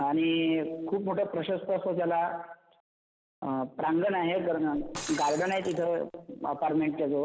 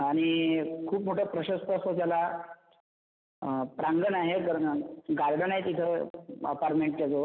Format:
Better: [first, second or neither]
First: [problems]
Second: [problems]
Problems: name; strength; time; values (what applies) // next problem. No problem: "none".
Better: second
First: background sound (Shatter); 19 dB below the speech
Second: none